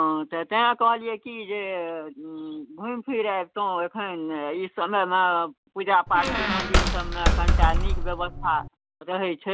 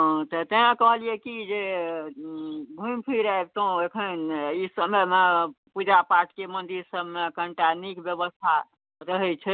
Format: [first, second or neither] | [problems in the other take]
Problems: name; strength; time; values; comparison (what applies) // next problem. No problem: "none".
second | background sound (Squeak); 4 dB above the speech